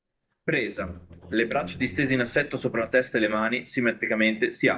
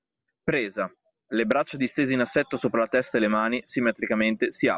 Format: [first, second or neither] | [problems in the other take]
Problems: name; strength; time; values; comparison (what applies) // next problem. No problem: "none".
second | noise reduction (neural mask model DeepFilterNet 3)